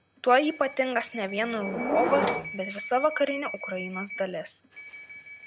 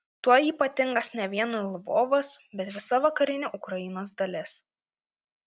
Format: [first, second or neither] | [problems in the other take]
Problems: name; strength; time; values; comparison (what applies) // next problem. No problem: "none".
second | background sound (Subway, metro, underground / Door); 6 dB below the speech